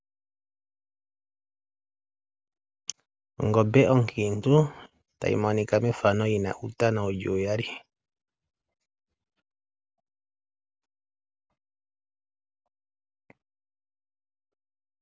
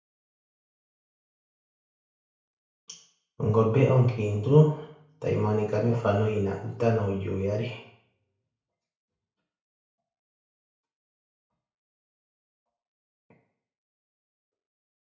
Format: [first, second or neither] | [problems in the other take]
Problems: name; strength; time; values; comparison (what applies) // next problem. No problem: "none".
first | room echo; dies away in 0.6 s